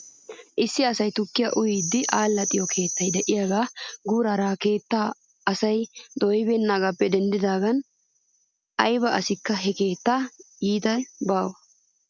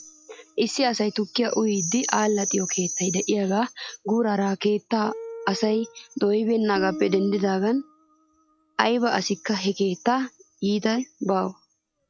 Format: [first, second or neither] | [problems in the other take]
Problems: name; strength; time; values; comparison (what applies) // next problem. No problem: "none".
first | noise reduction (classical method log-MMSE)